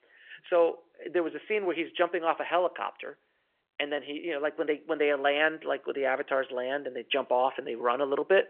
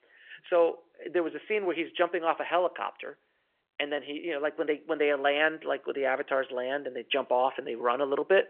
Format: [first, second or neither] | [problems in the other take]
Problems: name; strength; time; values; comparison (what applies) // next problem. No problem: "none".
neither | phone-call audio; nothing above 3 kHz; the same in both